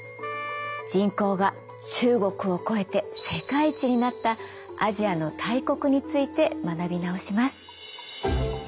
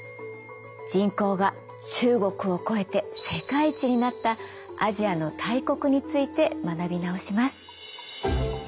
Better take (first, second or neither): second